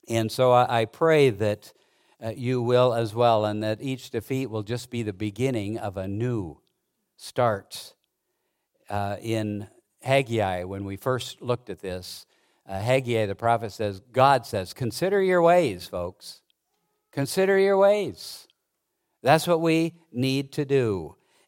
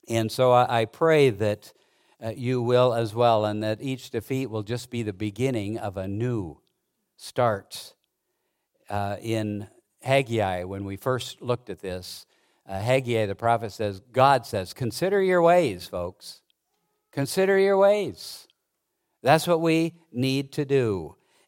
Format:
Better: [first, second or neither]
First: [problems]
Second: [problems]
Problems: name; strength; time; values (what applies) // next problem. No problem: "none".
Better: neither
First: none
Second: none